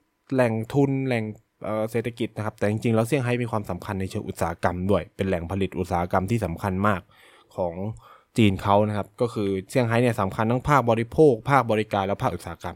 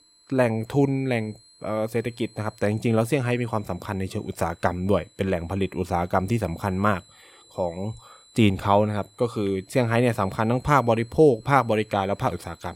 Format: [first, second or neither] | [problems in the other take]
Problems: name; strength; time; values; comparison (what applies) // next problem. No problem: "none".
first | high-pitched whine; faint; throughout; 4 kHz, 30 dB below the speech